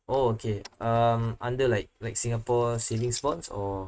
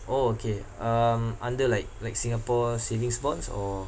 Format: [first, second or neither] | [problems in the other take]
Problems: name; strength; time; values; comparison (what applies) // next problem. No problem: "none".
second | noise reduction (neural mask model RNNoise)